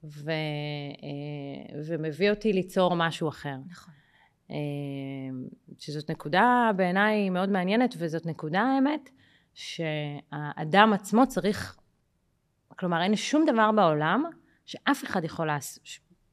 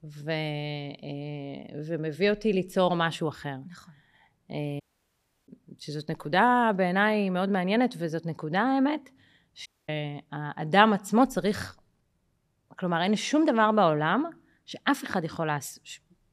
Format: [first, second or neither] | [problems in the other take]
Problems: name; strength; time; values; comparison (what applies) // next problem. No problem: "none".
first | audio cutting out; at 5 s for 0.5 s and at 9.5 s